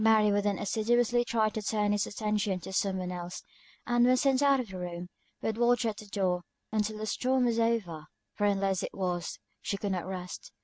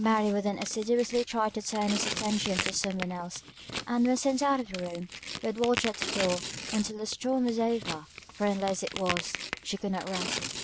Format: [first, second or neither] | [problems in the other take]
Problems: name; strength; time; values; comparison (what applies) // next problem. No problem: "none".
first | background sound (Crack + Tearing); 8 dB below the speech